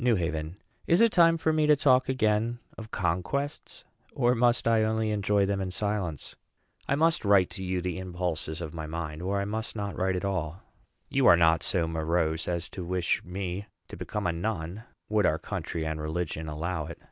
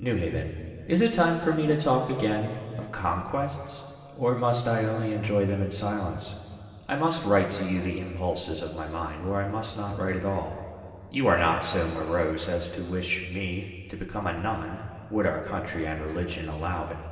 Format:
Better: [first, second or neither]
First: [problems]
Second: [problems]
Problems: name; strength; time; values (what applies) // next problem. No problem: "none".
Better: first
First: none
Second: room echo; dies away in 2.4 s